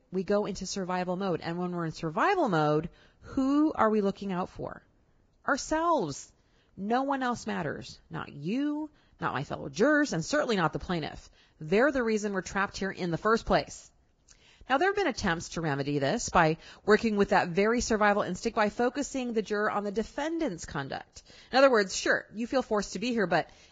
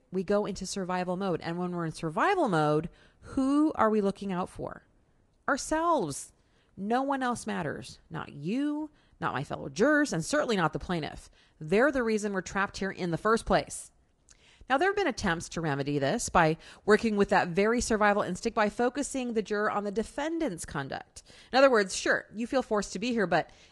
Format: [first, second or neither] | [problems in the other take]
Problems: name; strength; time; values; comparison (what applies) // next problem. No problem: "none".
second | garbled, watery; badly; nothing above 7.5 kHz; slightly in the second